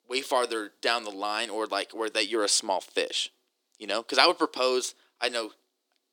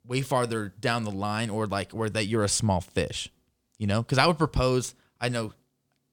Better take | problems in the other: second | thin; very; fading below 300 Hz

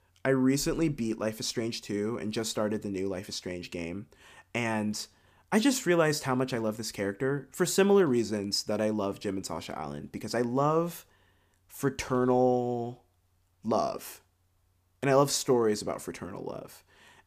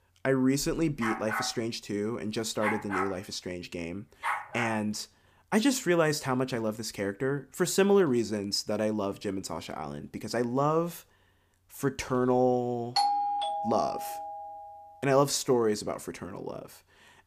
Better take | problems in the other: first | dog barking; noticeable; from 1 to 5 s; peak 2 dB below the speech // doorbell; loud; from 13 to 14 s; peak 3 dB above the speech

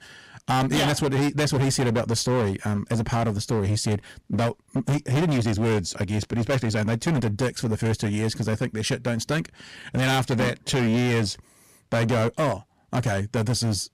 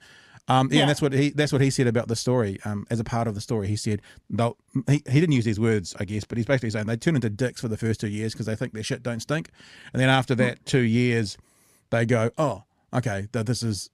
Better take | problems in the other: second | distortion; heavy; 20% of the sound clipped

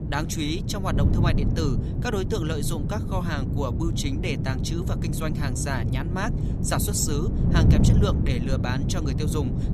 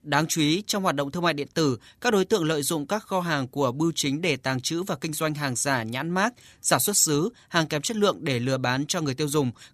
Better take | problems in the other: second | wind noise on the microphone; heavy; 5 dB below the speech

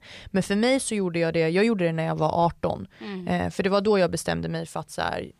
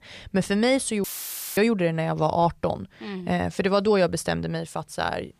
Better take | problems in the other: first | audio cutting out; filled with static; at 1 s for 0.5 s

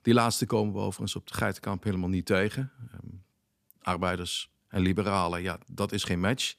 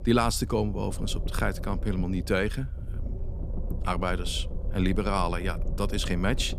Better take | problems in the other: first | low rumble; noticeable; throughout; 15 dB below the speech

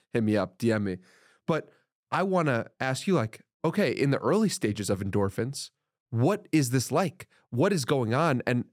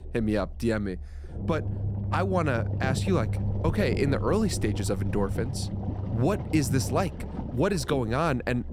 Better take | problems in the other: first | low rumble; noticeable; throughout; 10 dB below the speech

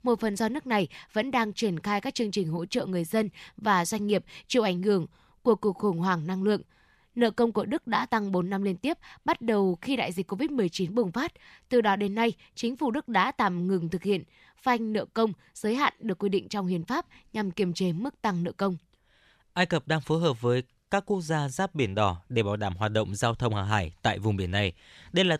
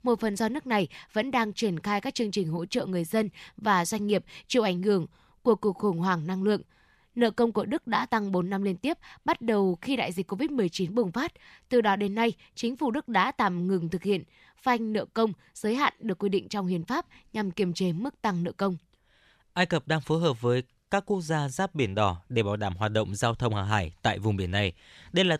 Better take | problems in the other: neither | none

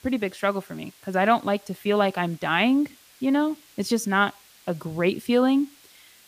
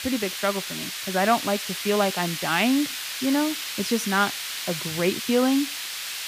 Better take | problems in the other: first | hiss; loud; throughout; 4 dB below the speech; faint in the first

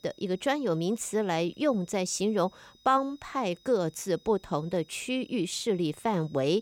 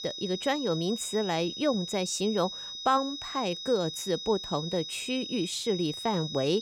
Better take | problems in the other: first | high-pitched whine; loud; throughout; 4 kHz, 7 dB below the speech; faint in the first

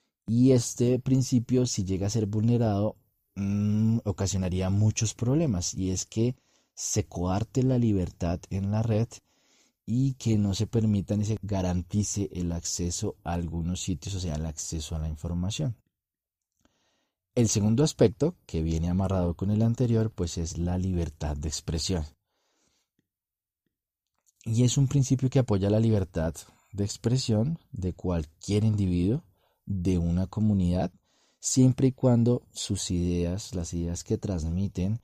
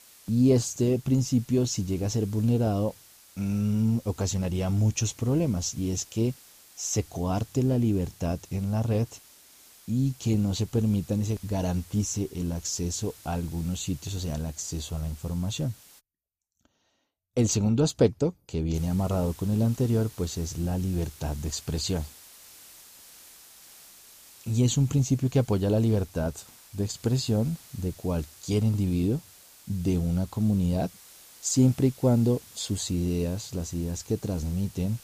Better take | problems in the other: first | hiss; faint; until 16 s and from 19 s on; 20 dB below the speech

